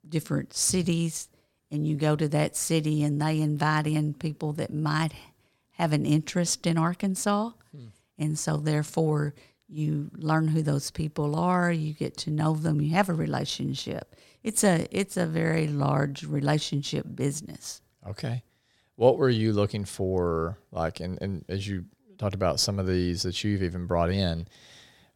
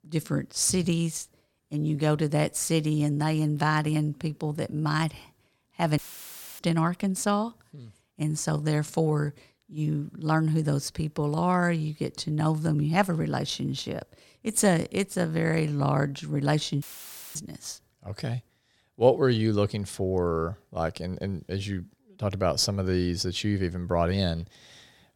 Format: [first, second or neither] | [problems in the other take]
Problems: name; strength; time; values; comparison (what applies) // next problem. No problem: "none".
first | audio cutting out; filled with static; at 6 s for 0.5 s and at 17 s for 0.5 s